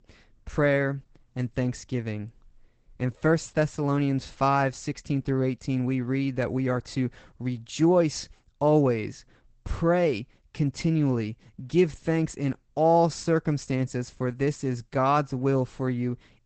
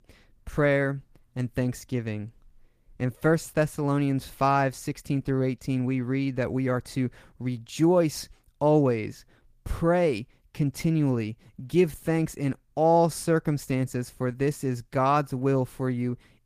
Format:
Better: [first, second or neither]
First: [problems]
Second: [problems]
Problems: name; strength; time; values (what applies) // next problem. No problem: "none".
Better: second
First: garbled, watery; badly; nothing above 8 kHz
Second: garbled, watery; slightly; nothing above 15 kHz